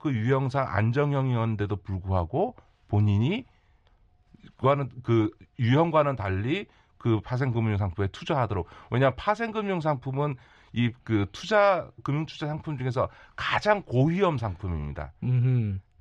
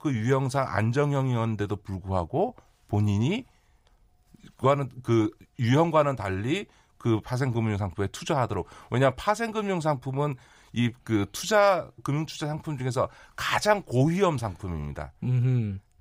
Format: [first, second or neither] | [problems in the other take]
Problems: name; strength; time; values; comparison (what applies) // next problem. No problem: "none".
second | muffled; very slightly; fading above 3 kHz